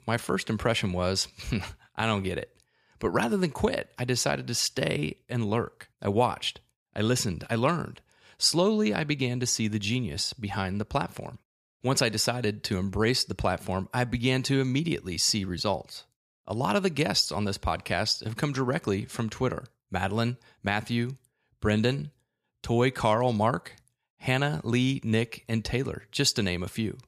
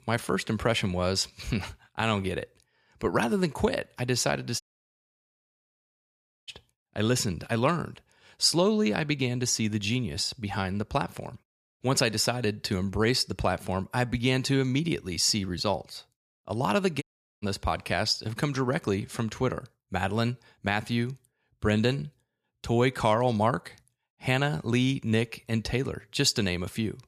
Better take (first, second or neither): first